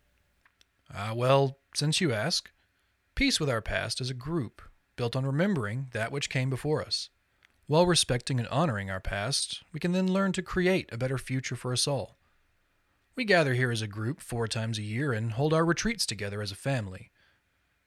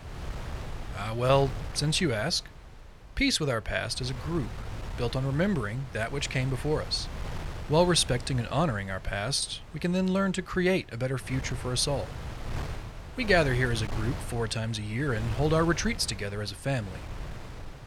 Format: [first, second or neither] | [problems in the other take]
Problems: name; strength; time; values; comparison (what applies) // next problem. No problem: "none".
first | wind noise on the microphone; occasional gusts; 15 dB below the speech